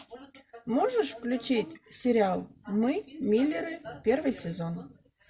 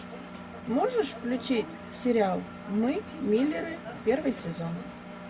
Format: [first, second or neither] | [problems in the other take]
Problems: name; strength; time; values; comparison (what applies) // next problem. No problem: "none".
first | background sound (Engine); 12 dB below the speech